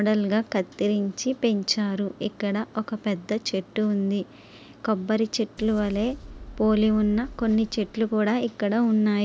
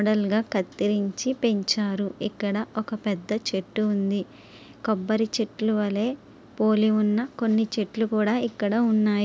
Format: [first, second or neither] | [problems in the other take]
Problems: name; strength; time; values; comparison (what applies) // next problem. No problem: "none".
second | background sound (Boom); 17 dB below the speech